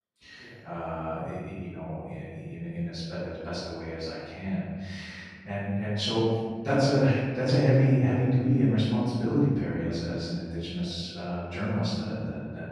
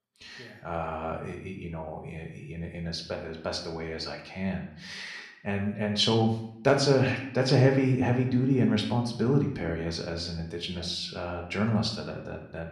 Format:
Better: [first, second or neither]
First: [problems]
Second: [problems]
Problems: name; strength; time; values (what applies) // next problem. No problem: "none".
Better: second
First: room echo; strong; dies away in 1.9 s // off-mic speech; far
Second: room echo; slight; dies away in 0.6 s // off-mic speech; somewhat distant